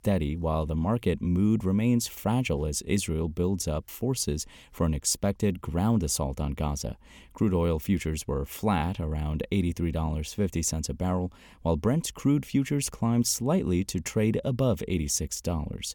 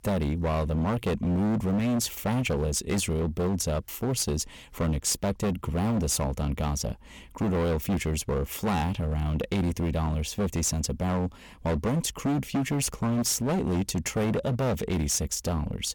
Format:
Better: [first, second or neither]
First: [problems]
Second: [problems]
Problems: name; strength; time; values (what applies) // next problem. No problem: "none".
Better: first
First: none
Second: distortion; heavy; 21% of the sound clipped